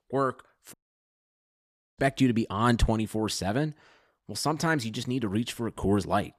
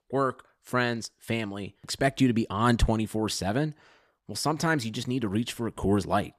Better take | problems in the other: second | audio cutting out; at 0.5 s for 1 s

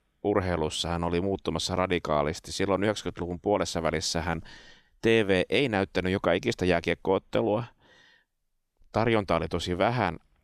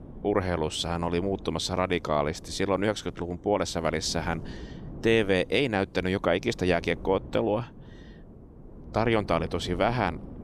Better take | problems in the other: first | wind noise on the microphone; occasional gusts; 25 dB below the speech

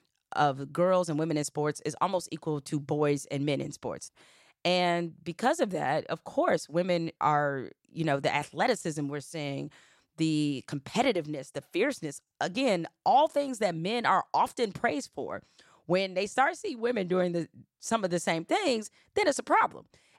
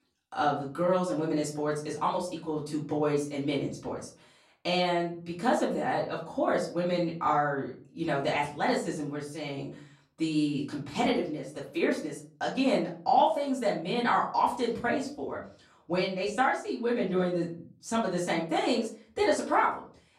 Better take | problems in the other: first | off-mic speech; far // room echo; slight; dies away in 0.4 s

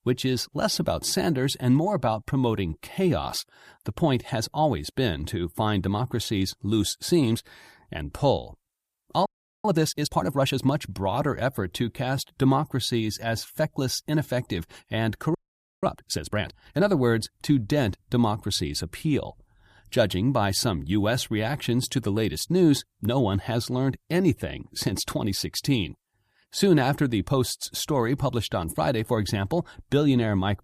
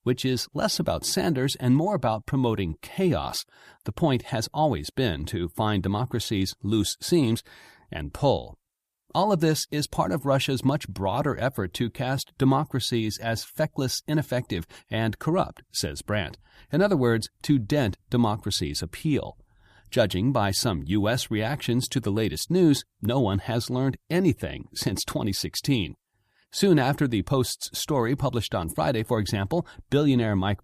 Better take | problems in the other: second | audio freezing; at 9.5 s and at 15 s

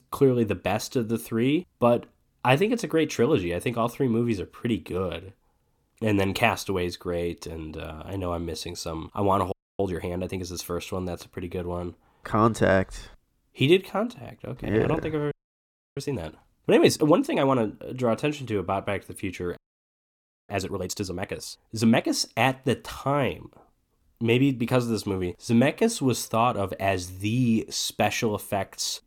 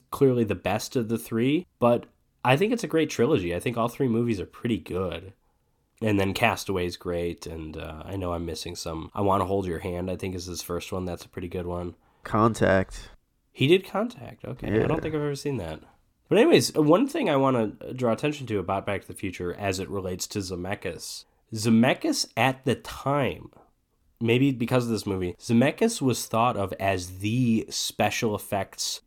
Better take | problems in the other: second | audio freezing; at 9.5 s, at 15 s for 0.5 s and at 20 s for 1 s

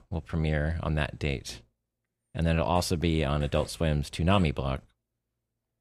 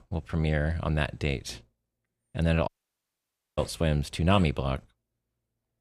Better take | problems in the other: first | audio cutting out; at 2.5 s for 1 s

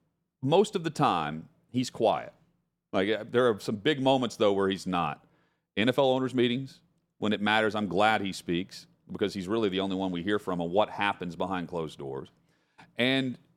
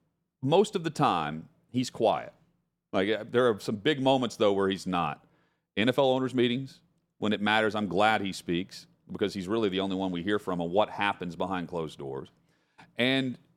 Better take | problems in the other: neither | none

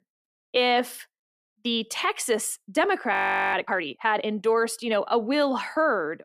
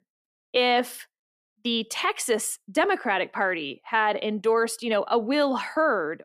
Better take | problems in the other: second | audio freezing; at 3 s

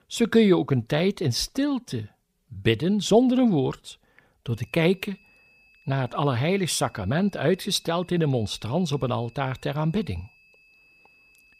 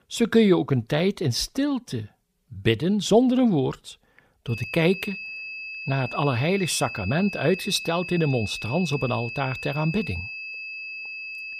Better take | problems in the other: first | high-pitched whine; loud; from 4.5 s on; 2.5 kHz, 9 dB below the speech; faint in the first

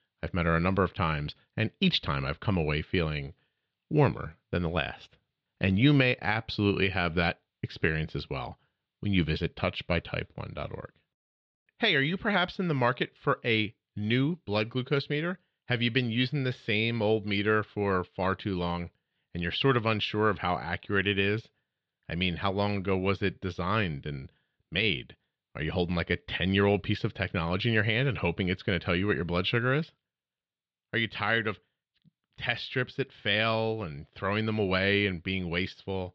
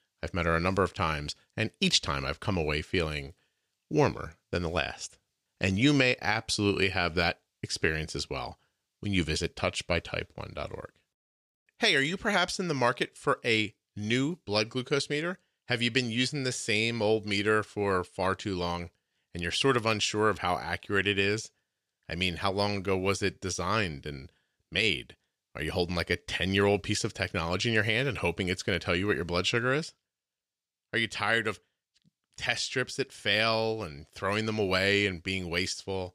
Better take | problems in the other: second | muffled; slightly; fading above 4 kHz

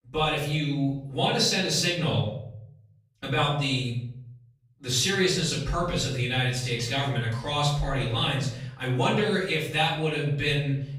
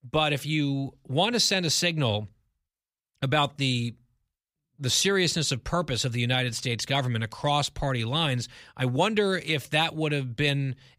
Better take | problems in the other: second | room echo; noticeable; dies away in 0.6 s // off-mic speech; far

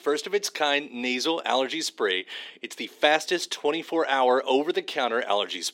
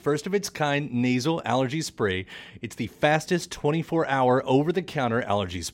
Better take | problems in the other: second | thin; somewhat; fading below 300 Hz

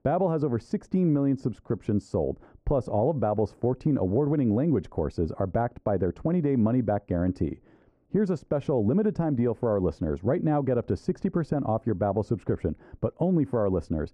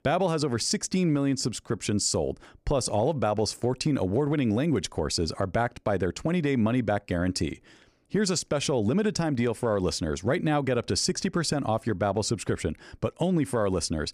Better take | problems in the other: second | muffled; very; fading above 2 kHz

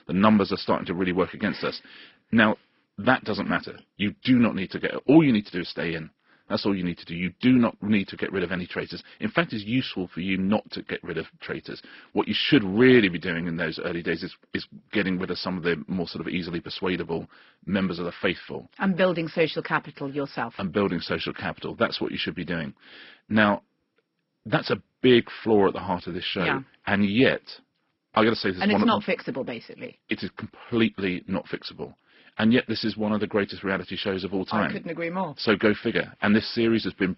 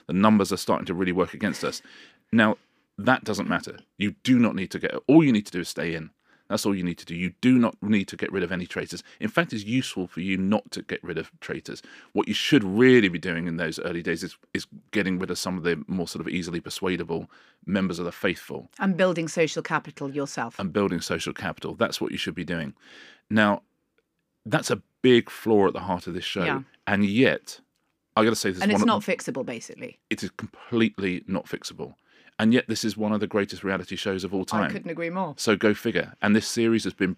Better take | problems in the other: second | garbled, watery; badly; nothing above 5.5 kHz

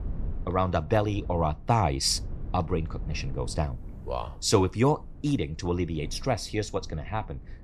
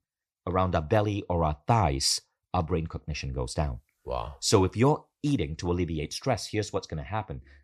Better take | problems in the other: second | low rumble; faint; throughout; 25 dB below the speech

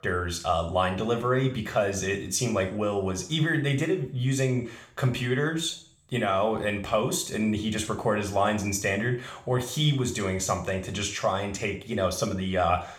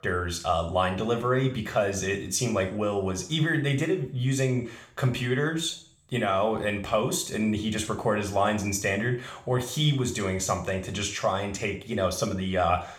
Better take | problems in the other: neither | room echo; slight; dies away in 0.4 s; the same in both // off-mic speech; somewhat distant; the same in both

